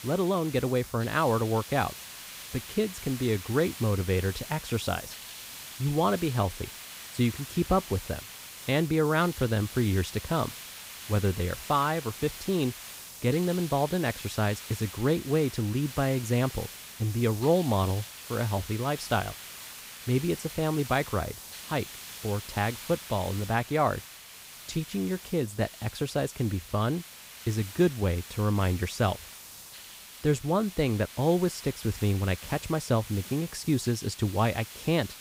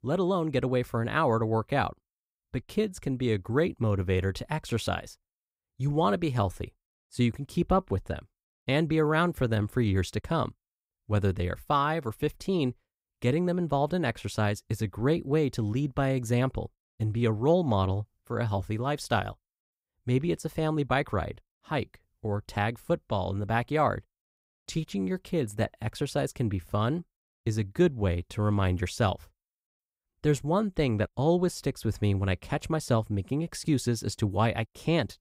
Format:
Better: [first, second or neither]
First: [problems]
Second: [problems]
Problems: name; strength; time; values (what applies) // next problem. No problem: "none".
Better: second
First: hiss; noticeable; throughout; 10 dB below the speech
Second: none